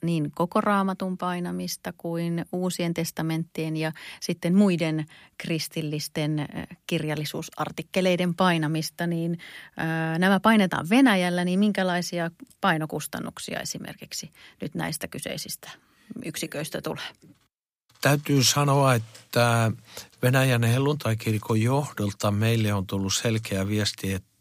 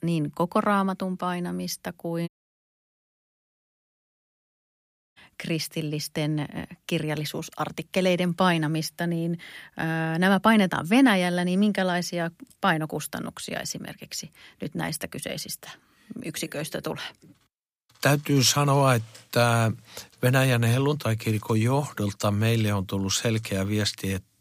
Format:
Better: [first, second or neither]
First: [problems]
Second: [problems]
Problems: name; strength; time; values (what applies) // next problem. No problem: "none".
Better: first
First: none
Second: audio cutting out; at 2.5 s for 3 s